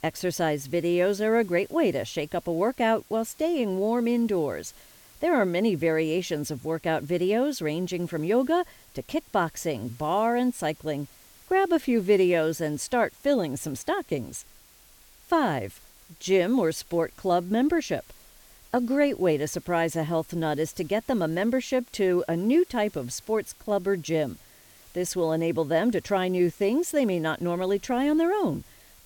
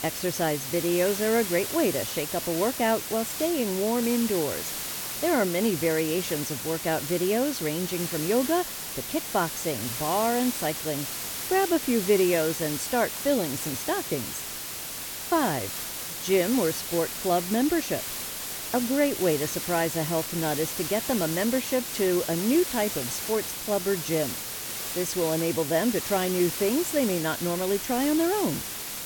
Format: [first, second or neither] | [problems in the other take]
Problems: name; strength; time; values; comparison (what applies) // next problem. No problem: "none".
first | hiss; loud; throughout; 4 dB below the speech; faint in the first